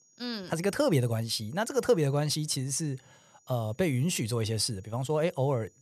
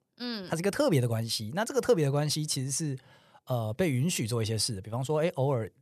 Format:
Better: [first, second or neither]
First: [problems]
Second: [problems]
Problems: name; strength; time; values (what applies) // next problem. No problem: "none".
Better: second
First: high-pitched whine; faint; throughout; 6.5 kHz, 35 dB below the speech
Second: none